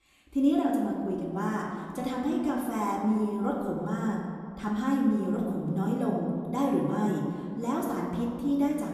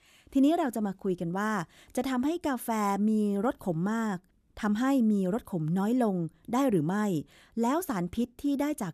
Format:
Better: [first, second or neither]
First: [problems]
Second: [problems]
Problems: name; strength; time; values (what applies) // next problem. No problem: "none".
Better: second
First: off-mic speech; far // room echo; noticeable; dies away in 2.2 s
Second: none